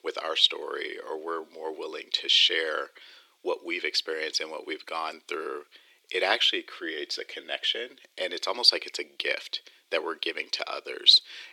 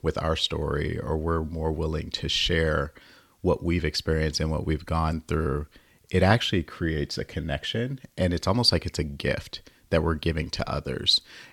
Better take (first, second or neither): second